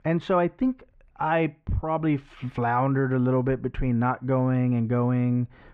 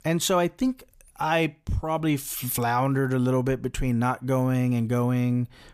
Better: second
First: muffled; very; fading above 2 kHz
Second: none

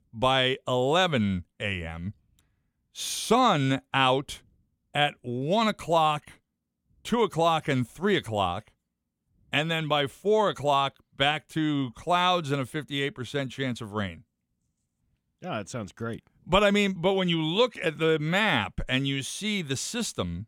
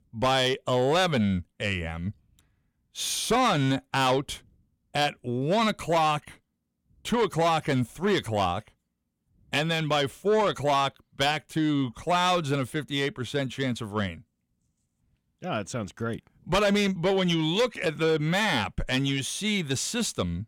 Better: first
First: none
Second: distortion; slight; 10 dB below the speech

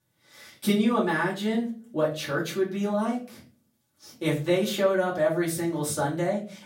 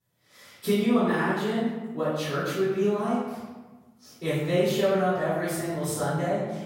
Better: first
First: room echo; slight; dies away in 0.3 s // off-mic speech; far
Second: room echo; strong; dies away in 1.3 s // off-mic speech; far

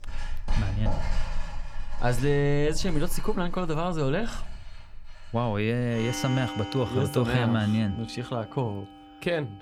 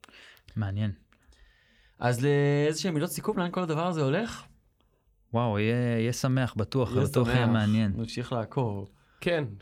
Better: second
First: household noises; loud; throughout; 10 dB below the speech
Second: none

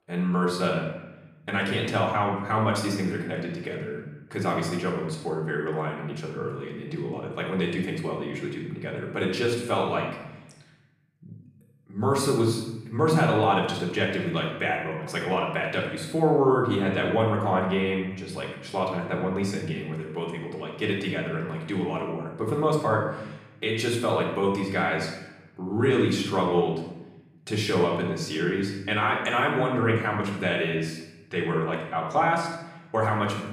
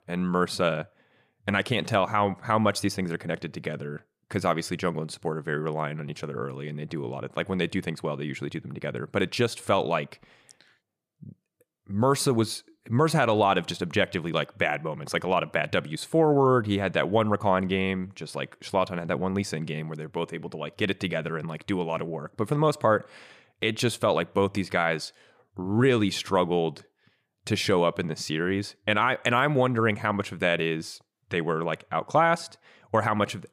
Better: second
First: room echo; noticeable; dies away in 0.9 s // off-mic speech; far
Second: none

